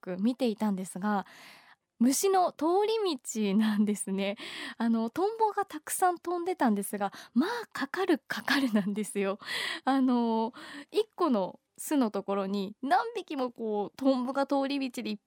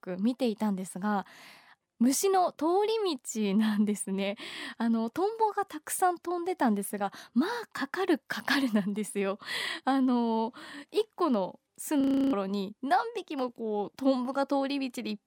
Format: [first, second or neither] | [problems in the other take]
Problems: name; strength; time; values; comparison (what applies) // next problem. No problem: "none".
first | audio freezing; at 12 s